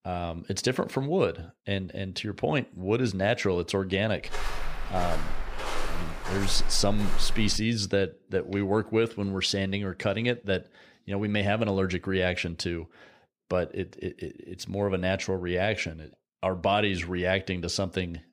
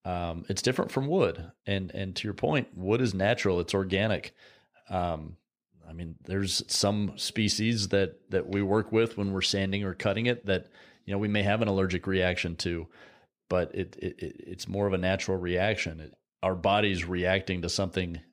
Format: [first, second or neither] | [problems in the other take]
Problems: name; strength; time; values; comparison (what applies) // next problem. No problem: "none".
second | footsteps; noticeable; from 4.5 to 7.5 s; peak 5 dB below the speech